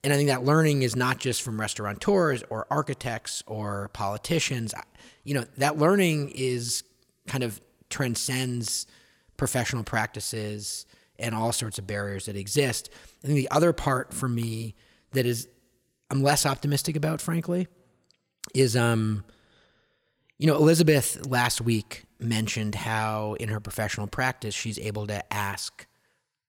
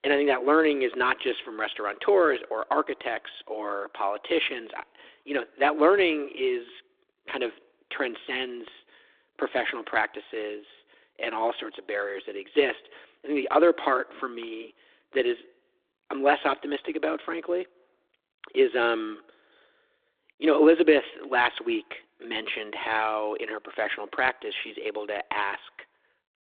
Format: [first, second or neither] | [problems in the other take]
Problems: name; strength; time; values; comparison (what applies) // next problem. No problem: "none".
first | phone-call audio